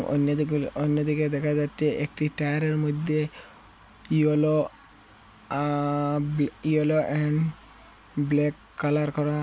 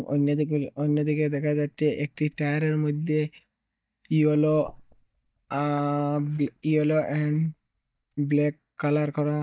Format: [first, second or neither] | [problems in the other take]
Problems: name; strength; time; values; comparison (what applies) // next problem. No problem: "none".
first | noise reduction (neural mask model DeepFilterNet 3)